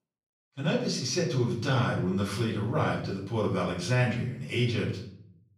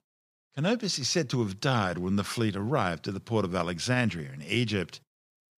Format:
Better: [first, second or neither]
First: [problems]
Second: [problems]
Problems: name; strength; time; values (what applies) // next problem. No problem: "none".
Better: second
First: off-mic speech; far // room echo; noticeable; dies away in 0.6 s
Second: none